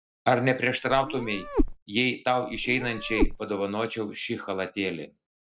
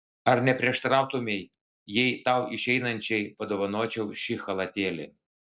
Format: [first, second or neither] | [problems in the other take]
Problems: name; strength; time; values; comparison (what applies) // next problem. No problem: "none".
second | background sound (Meow); 1 dB below the speech